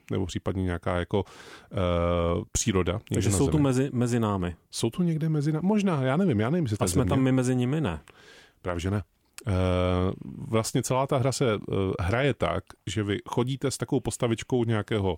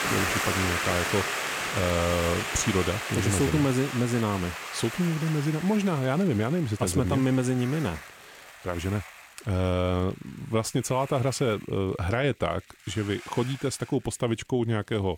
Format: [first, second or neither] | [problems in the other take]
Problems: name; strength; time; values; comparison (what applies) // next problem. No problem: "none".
first | hiss; loud; throughout; 4 dB below the speech